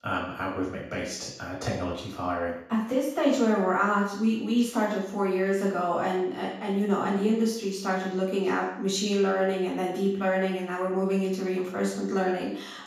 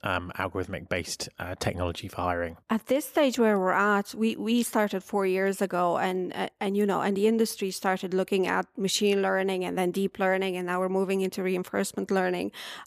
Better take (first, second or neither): second